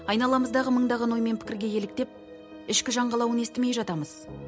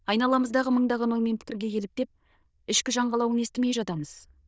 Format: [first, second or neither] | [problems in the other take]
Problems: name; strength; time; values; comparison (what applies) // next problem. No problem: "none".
first | noise reduction (neural diffusion model UNIVERSE++)